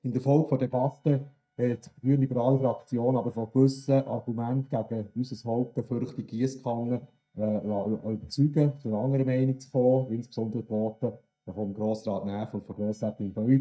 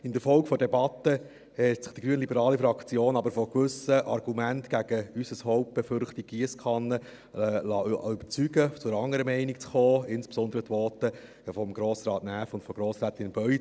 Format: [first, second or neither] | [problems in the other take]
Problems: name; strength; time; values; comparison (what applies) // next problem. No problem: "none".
second | noise reduction (neural mask model DeepFilterNet 3)